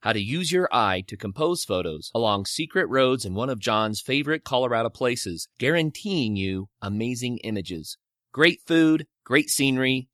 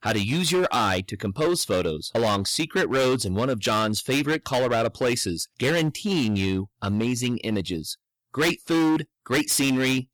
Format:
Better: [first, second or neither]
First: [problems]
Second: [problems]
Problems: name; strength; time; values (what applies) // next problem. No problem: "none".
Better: first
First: none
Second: distortion; heavy; 15% of the sound clipped